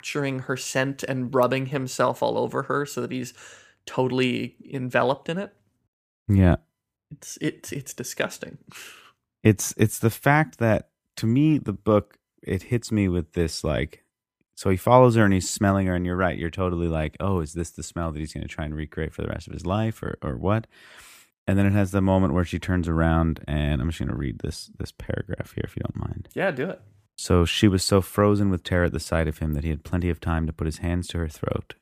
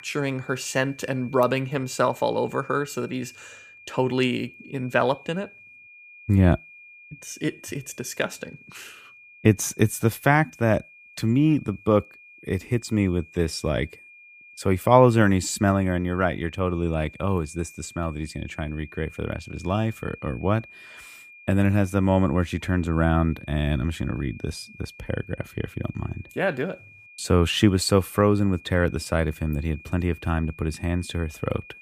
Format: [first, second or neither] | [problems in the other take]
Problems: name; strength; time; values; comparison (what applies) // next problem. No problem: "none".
first | high-pitched whine; faint; throughout; 2.5 kHz, 20 dB below the speech